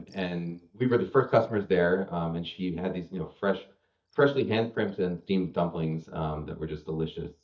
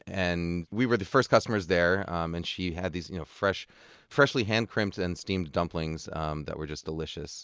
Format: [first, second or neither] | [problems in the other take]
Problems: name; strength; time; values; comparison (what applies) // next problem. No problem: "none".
second | noise reduction (neural mask model DeepFilterNet 3)